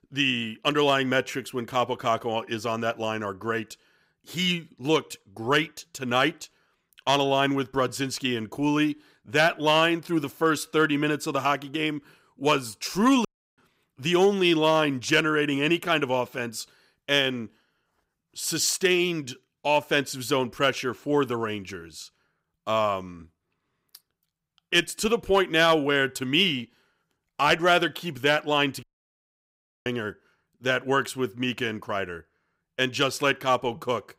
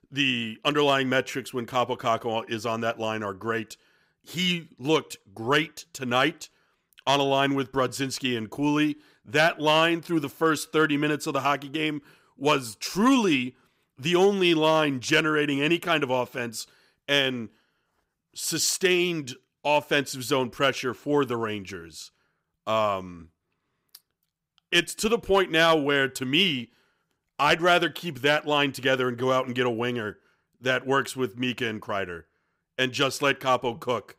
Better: second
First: audio cutting out; at 13 s and at 29 s for 1 s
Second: none

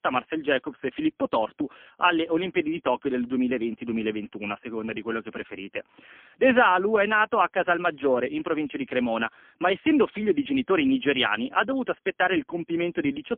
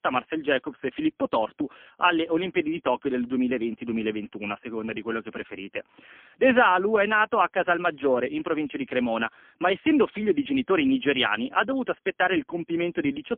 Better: neither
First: phone-call audio; poor line; nothing above 3.5 kHz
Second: phone-call audio; poor line; nothing above 3.5 kHz

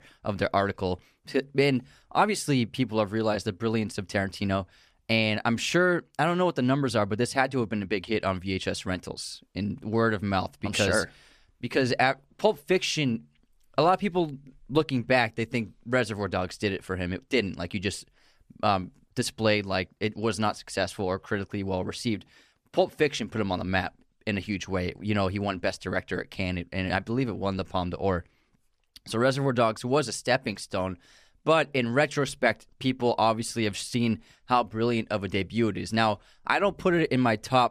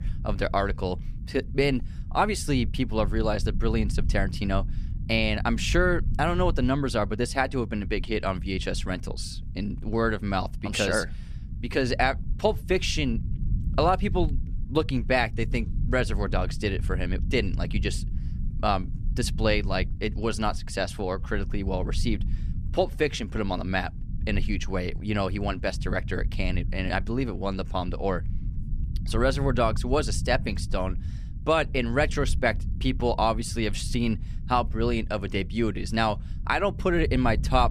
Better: first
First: none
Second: low rumble; faint; throughout; 20 dB below the speech

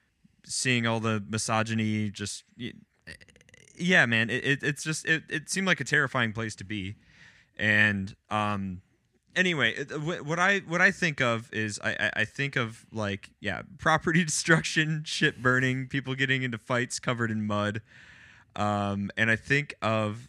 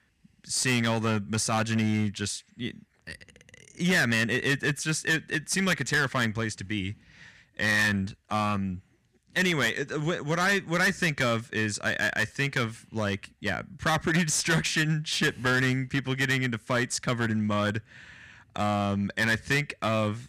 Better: first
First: none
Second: distortion; heavy; 9% of the sound clipped

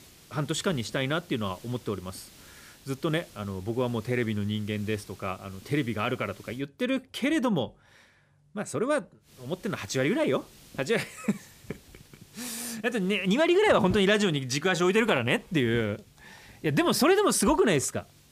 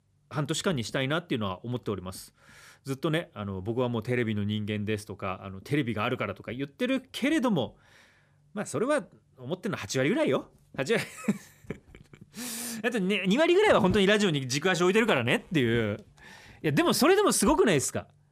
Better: second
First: hiss; faint; until 6.5 s and from 9.5 s on; 25 dB below the speech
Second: none

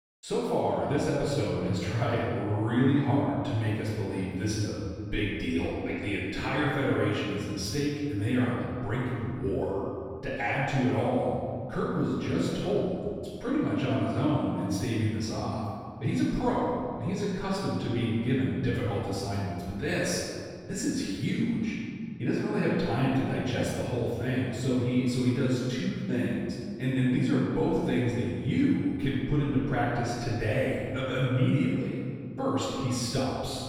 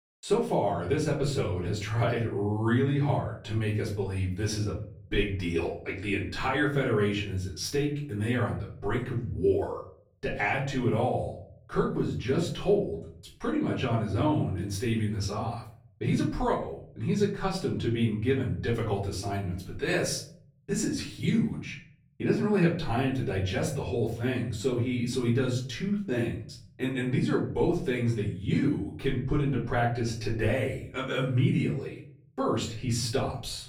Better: second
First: room echo; strong; dies away in 2.1 s // off-mic speech; far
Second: room echo; slight; dies away in 0.5 s // off-mic speech; far

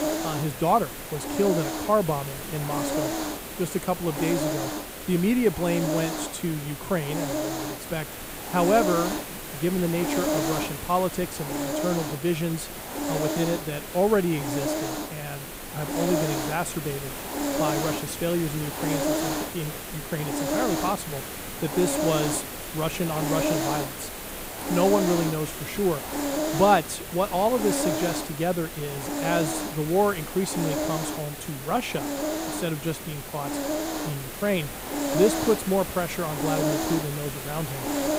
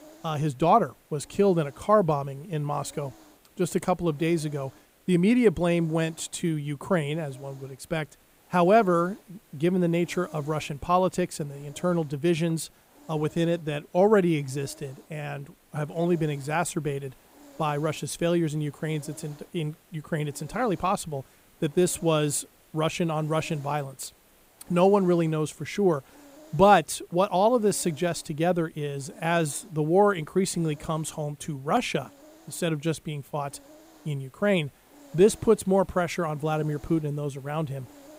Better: second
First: hiss; loud; throughout; 3 dB below the speech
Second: hiss; faint; throughout; 25 dB below the speech

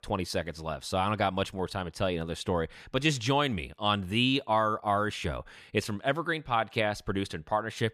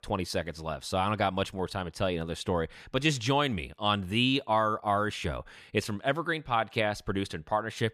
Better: neither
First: none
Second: none

